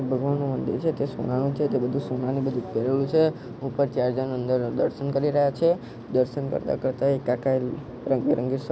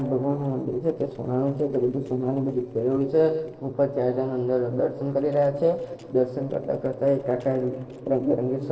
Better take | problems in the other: first | noise reduction (neural separator model SepFormer DNS4)

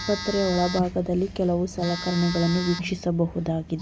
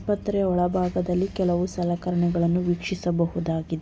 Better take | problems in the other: second | background sound (Telephone); 11 dB below the speech

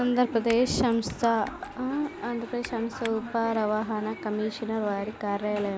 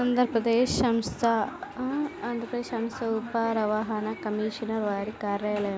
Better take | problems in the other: second | background sound (Typing); 19 dB below the speech

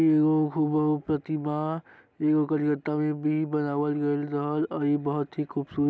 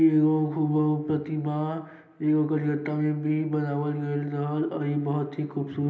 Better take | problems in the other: first | room echo; dies away in 0.8 s

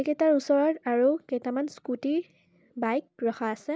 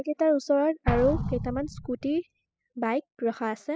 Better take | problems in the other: first | noise reduction (classical method spectral subtraction)

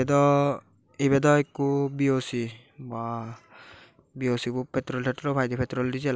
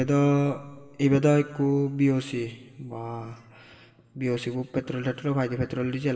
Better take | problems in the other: first | room echo; dies away in 2.8 s

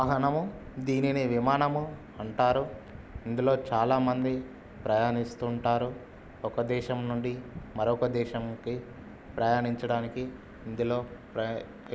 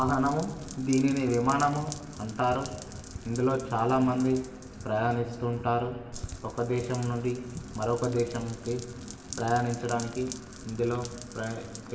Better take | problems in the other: first | background sound (Rain); 17 dB below the speech // room echo; dies away in 1.2 s

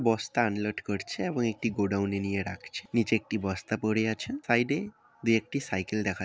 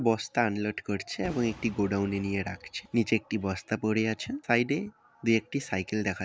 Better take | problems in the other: first | background sound (Boom); 19 dB below the speech

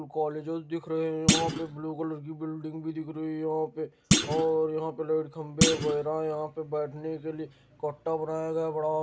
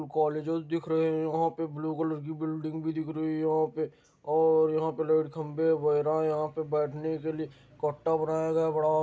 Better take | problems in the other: second | background sound (Thump, thud); 1 dB above the speech

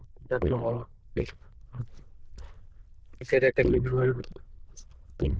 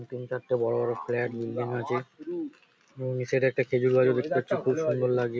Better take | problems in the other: second | noise reduction (neural diffusion model UNIVERSE++)

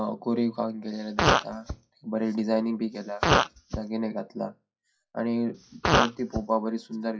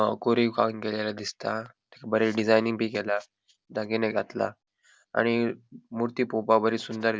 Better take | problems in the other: second | noise reduction (classical method WPE with log-MMSE)

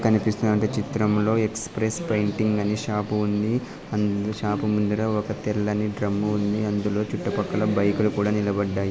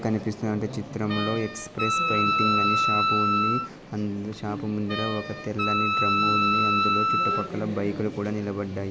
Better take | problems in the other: first | background sound (Wind instrument, woodwind instrument); 3 dB above the speech

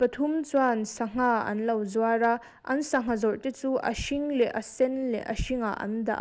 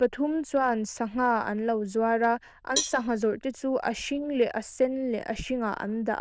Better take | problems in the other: first | noise reduction (neural diffusion model UNIVERSE++)

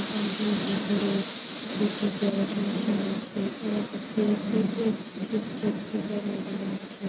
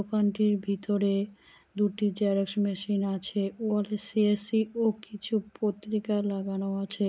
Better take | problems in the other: second | noise reduction (neural mask model RNNoise)

